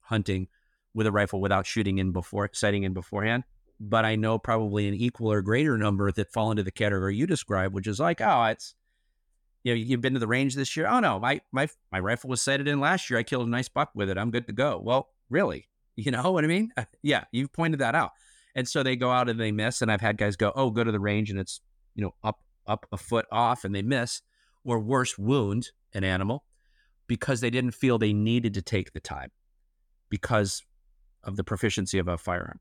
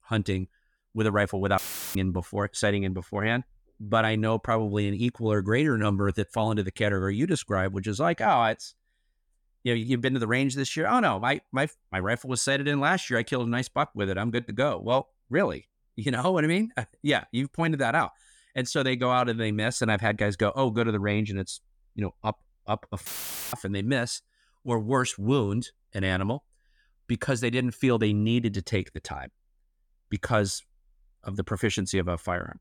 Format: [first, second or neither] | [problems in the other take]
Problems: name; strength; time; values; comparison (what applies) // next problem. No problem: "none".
first | audio cutting out; filled with static; at 1.5 s and at 23 s